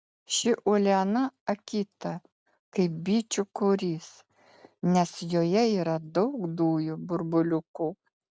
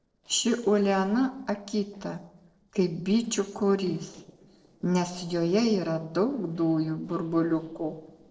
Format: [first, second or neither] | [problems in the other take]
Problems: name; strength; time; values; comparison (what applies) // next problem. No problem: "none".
first | noise reduction (neural separator model SepFormer DNS4)